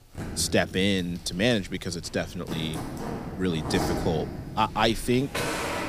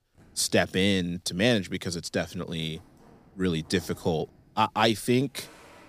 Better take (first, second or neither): second